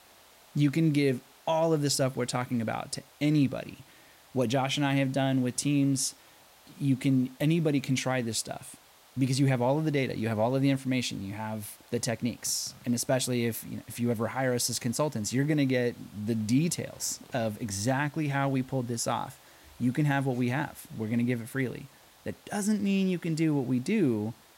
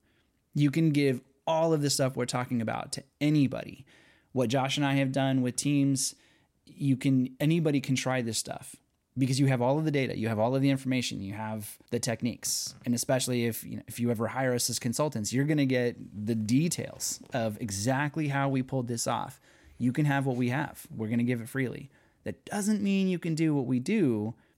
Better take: second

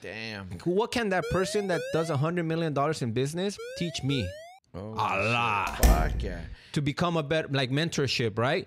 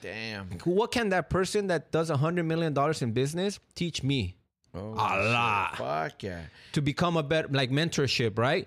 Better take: second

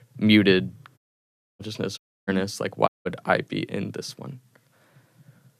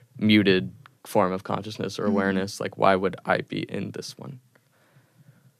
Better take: second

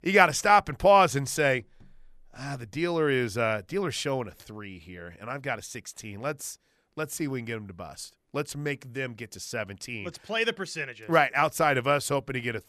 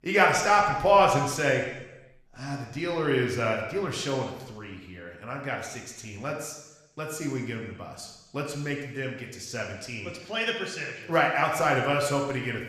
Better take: first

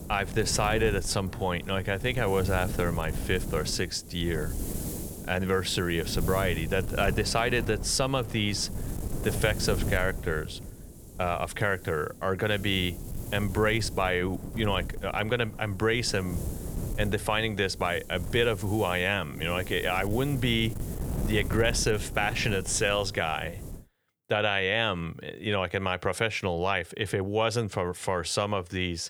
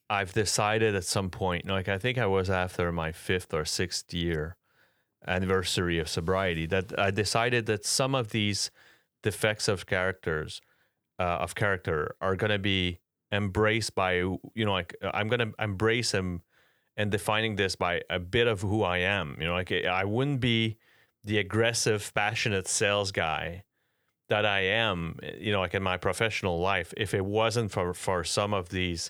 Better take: second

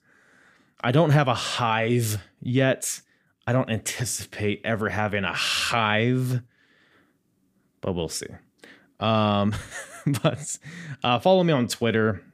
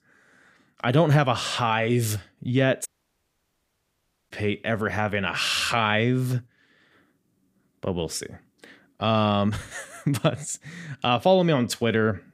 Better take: first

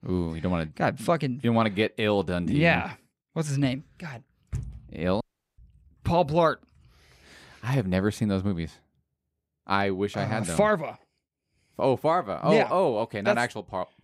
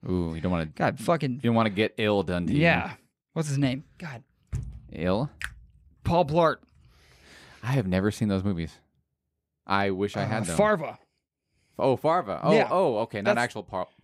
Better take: second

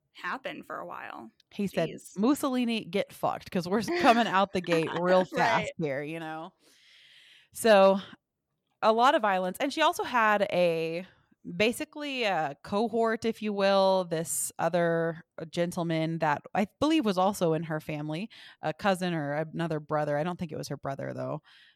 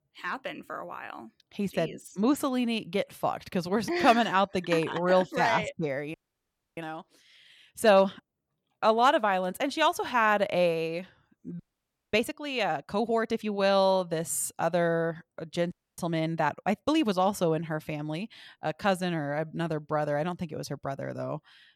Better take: first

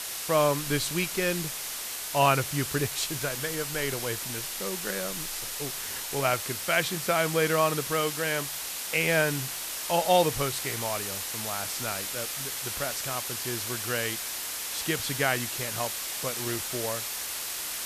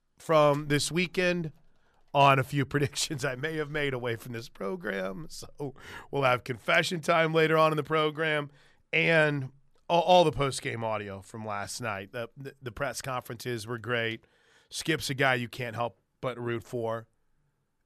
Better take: second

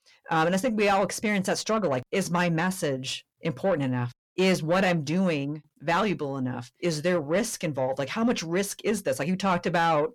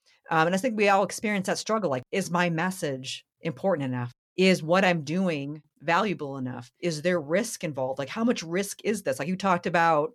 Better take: second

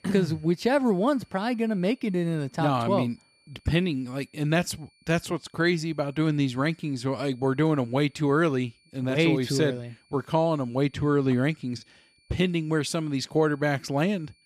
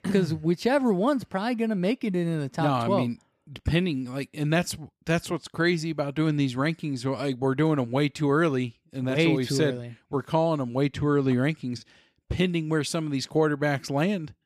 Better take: second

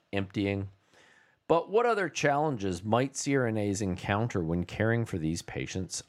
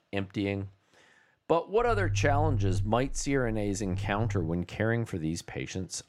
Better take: first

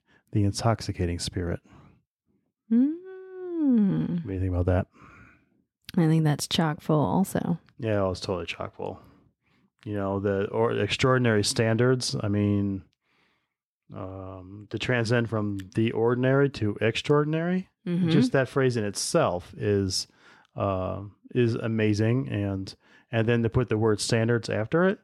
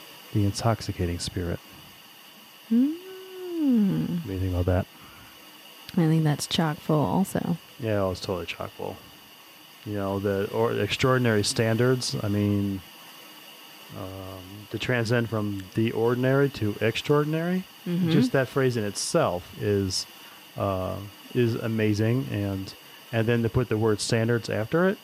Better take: first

